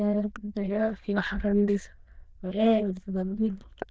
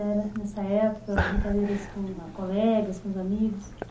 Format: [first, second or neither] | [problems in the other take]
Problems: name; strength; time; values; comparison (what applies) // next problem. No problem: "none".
second | noise reduction (neural diffusion model UNIVERSE++)